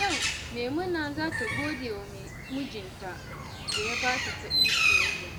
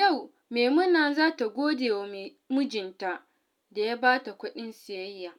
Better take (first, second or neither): second